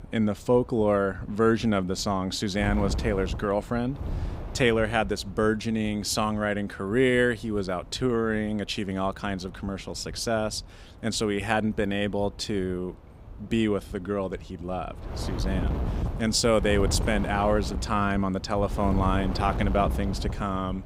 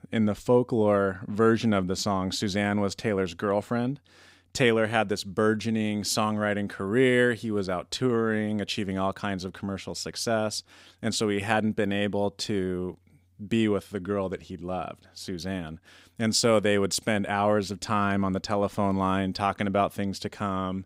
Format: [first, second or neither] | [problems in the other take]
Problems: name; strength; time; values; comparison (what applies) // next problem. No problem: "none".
second | wind noise on the microphone; occasional gusts; 15 dB below the speech